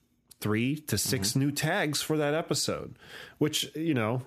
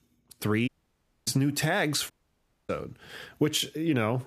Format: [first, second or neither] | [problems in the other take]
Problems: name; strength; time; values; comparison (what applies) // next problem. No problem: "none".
first | audio cutting out; at 0.5 s for 0.5 s and at 2 s for 0.5 s